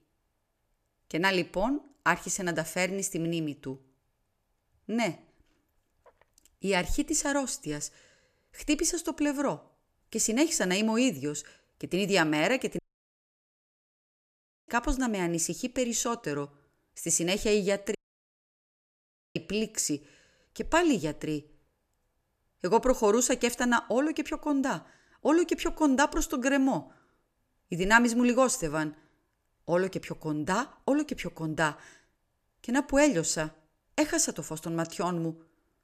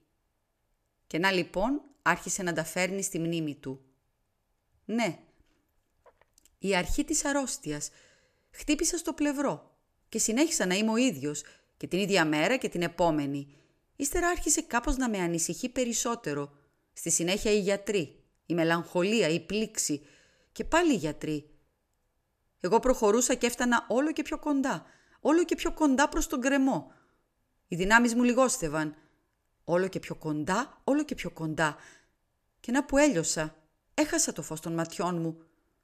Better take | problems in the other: second | audio cutting out; at 13 s for 2 s and at 18 s for 1.5 s

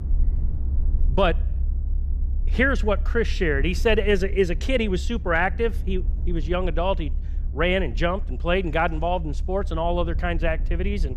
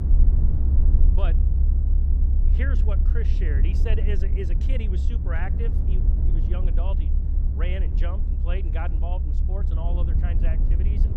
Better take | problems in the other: first | low rumble; loud; throughout; 4 dB below the speech; faint in the first

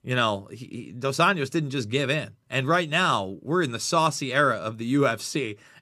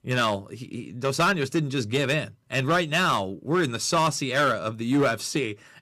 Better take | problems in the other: first | distortion; slight; 5% of the sound clipped

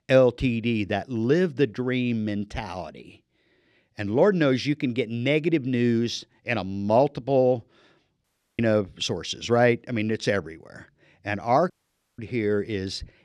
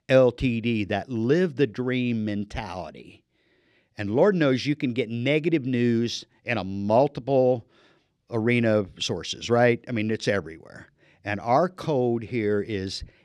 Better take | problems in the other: second | audio cutting out; at 8 s and at 12 s

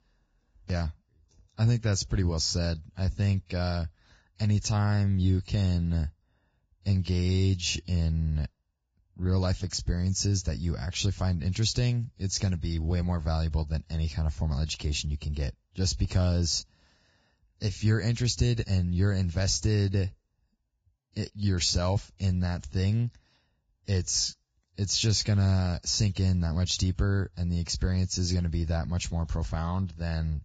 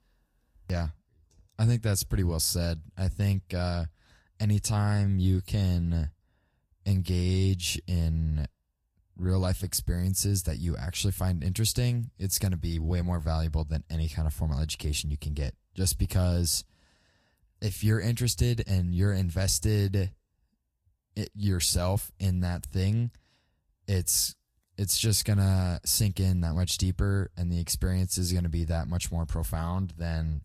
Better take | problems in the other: second | garbled, watery; badly; nothing above 7.5 kHz; slightly in the second

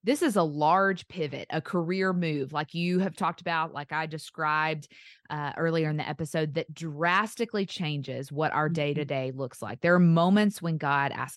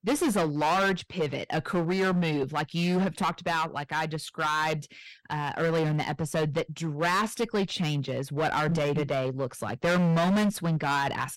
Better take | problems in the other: first | distortion; heavy; 16% of the sound clipped

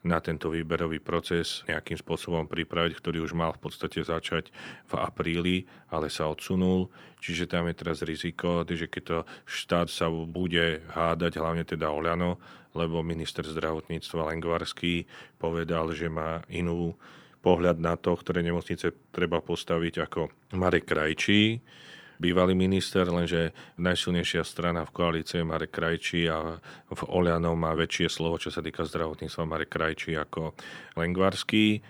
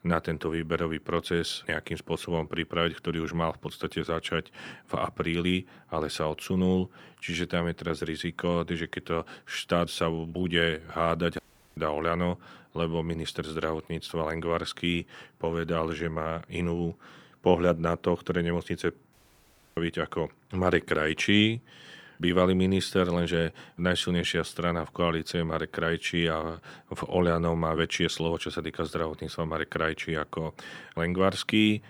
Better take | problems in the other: first | audio cutting out; at 11 s and at 19 s for 0.5 s

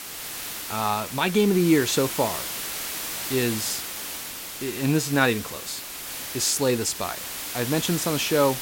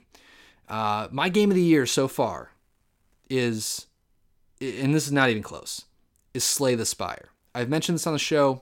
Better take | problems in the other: second | hiss; loud; throughout; 6 dB below the speech

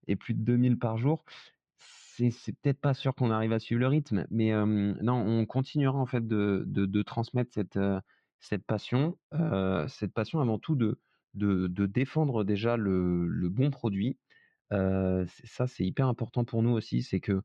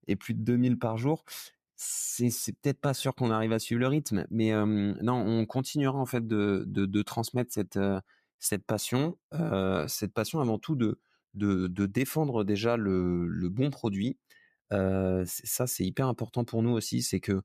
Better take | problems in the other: second | muffled; slightly; fading above 4 kHz

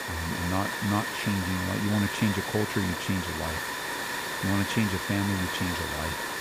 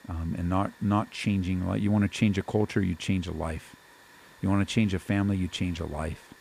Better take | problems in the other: second | hiss; loud; throughout; 1 dB below the speech; faint in the second

